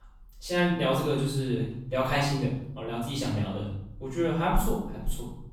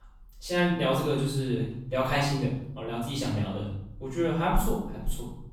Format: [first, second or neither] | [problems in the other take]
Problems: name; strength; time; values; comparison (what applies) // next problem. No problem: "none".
neither | room echo; noticeable; dies away in 0.8 s; the same in both // off-mic speech; far; the same in both